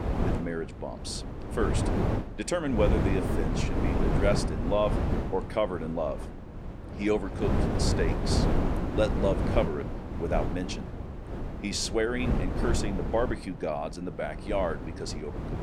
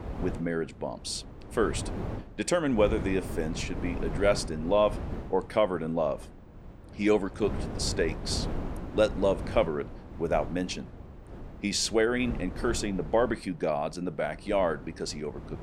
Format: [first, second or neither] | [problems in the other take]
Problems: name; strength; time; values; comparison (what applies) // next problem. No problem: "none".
second | wind noise on the microphone; heavy; 4 dB below the speech; occasional gusts in the second